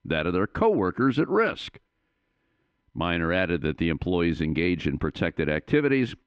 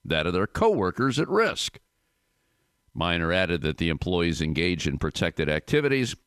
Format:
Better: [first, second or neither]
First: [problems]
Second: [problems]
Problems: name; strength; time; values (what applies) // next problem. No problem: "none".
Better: second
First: muffled; slightly; fading above 2.5 kHz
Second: none